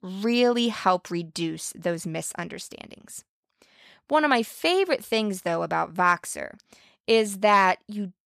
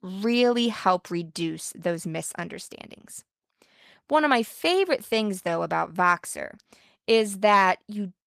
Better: first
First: none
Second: garbled, watery; slightly; nothing above 14.5 kHz

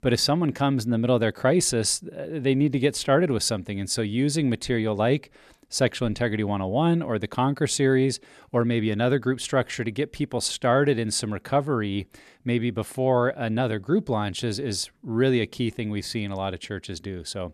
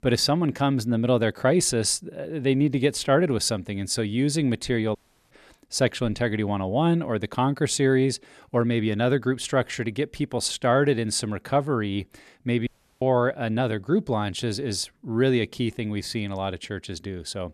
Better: first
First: none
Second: audio cutting out; at 5 s and at 13 s

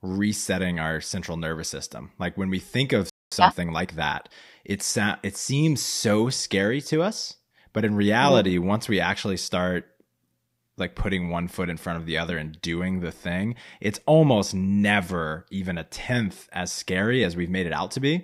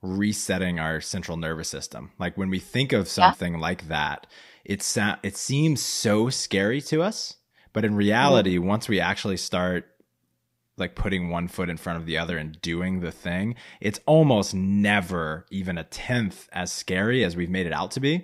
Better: second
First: audio freezing; at 3 s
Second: none

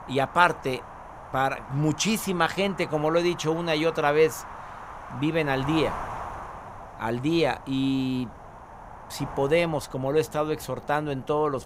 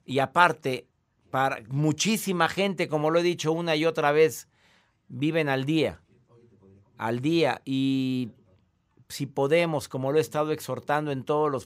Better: second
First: wind noise on the microphone; occasional gusts; 10 dB below the speech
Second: none

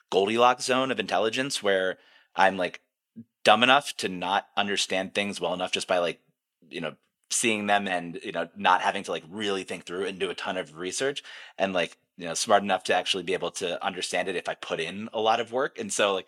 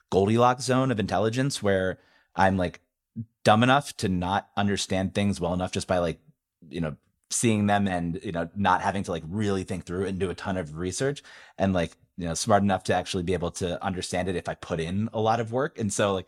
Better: second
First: thin; somewhat; fading below 350 Hz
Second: none

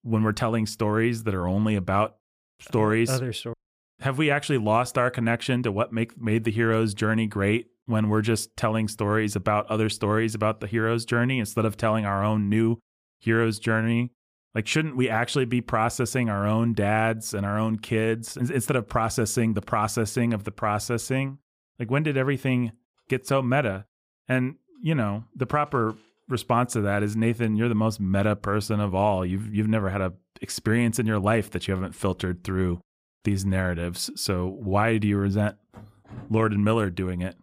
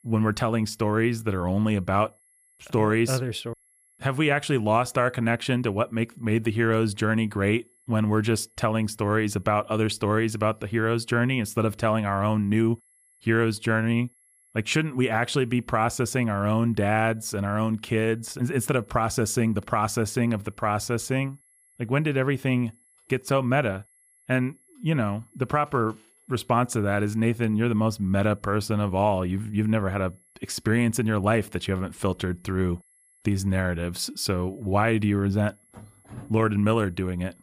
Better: first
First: none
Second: high-pitched whine; faint; throughout; 11 kHz, 35 dB below the speech

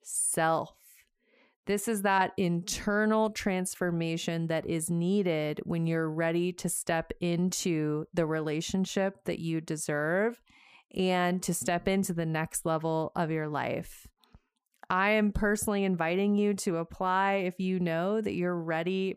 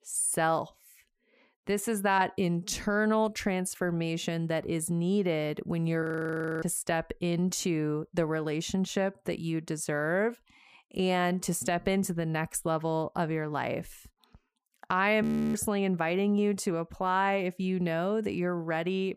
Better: first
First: none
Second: audio freezing; at 6 s for 0.5 s and at 15 s

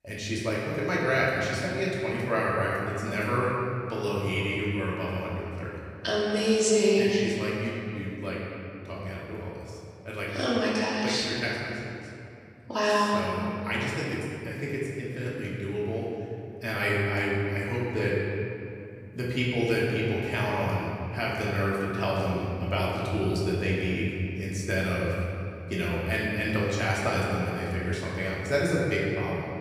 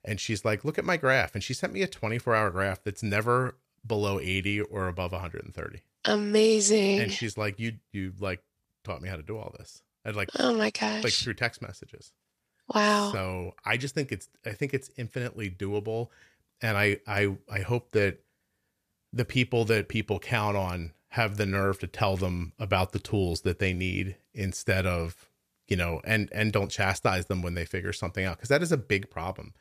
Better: second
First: room echo; strong; dies away in 2.5 s // off-mic speech; far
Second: none

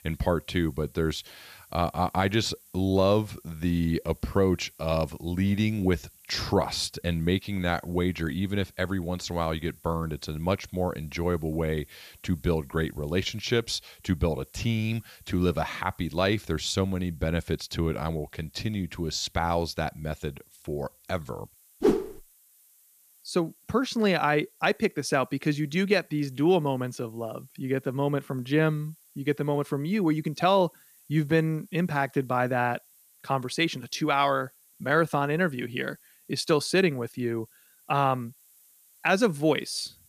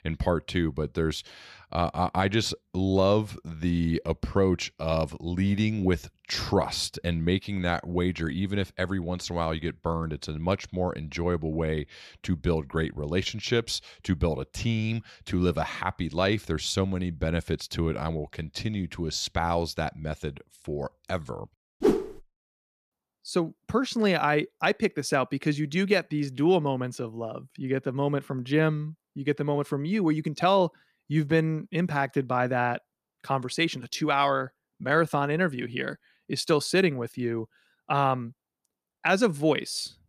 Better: second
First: hiss; faint; throughout; 25 dB below the speech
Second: none

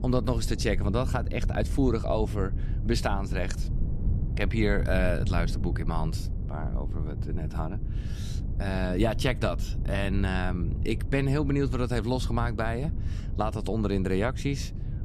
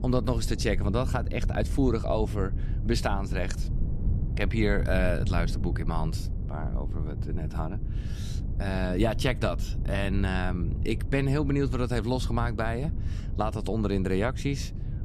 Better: neither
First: wind noise on the microphone; occasional gusts; 15 dB below the speech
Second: wind noise on the microphone; occasional gusts; 15 dB below the speech

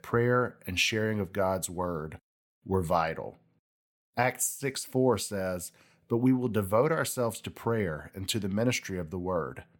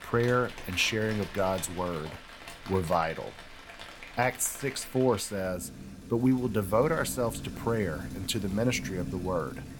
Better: first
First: none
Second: rain or running water; noticeable; throughout; 15 dB below the speech

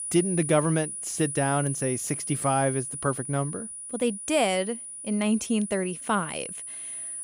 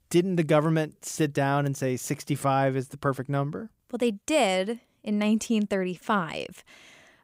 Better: second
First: high-pitched whine; loud; throughout; 10 kHz, 6 dB below the speech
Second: none

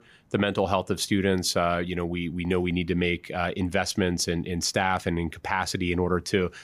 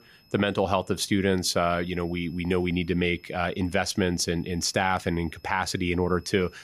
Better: first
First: none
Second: high-pitched whine; faint; throughout; 5 kHz, 30 dB below the speech

